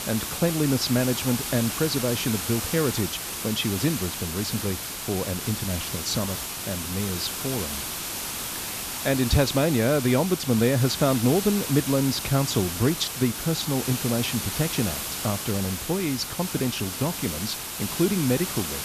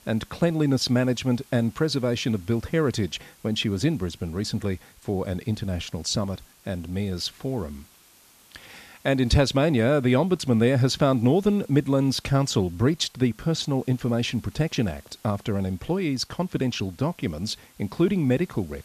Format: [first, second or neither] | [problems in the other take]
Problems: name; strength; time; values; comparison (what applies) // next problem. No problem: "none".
second | hiss; loud; throughout; 4 dB below the speech; faint in the second